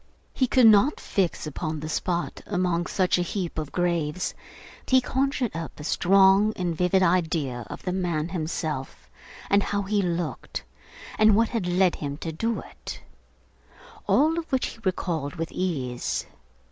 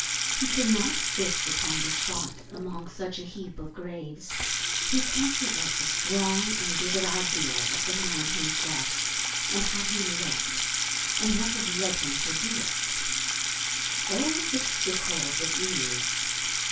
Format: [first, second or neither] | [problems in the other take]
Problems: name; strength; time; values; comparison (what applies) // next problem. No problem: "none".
first | background sound (Sink (filling or washing) / Water tap, faucet); 5 dB above the speech // room echo; dies away in 0.2 s